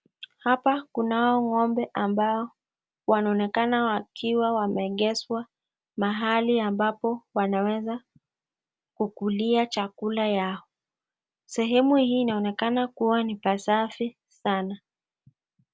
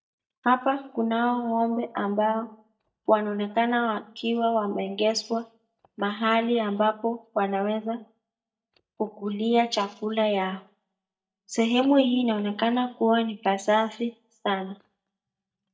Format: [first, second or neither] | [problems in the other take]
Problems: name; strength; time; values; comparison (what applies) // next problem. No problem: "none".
first | noise reduction (neural mask model DeepFilterNet 3)